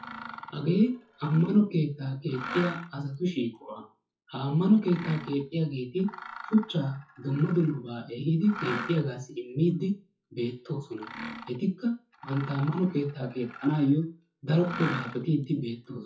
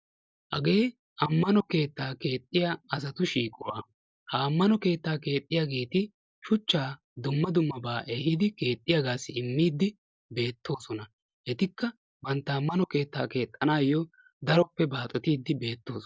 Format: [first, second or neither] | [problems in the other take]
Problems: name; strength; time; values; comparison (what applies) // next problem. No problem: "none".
second | noise reduction (classical method WPE with log-MMSE)